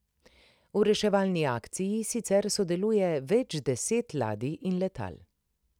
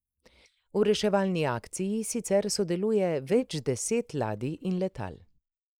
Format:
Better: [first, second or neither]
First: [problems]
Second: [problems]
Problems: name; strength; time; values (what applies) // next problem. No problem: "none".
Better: first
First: none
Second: noise reduction (neural mask model Resemble Enhance denoiser)